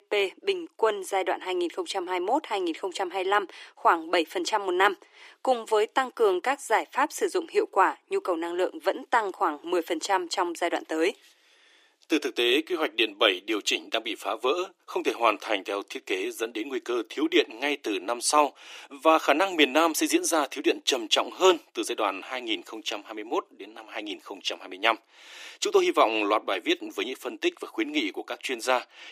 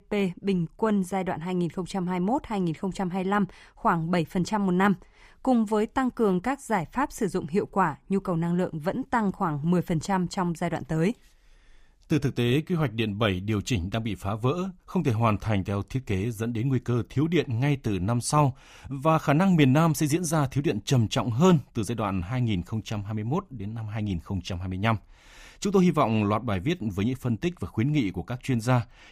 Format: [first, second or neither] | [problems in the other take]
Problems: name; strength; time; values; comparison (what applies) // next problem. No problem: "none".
second | thin; very; fading below 300 Hz